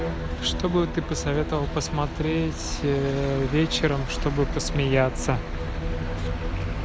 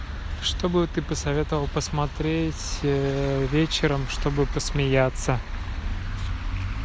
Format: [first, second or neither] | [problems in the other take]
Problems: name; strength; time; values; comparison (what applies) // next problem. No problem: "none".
second | background sound (Bowed string instrument); 9 dB below the speech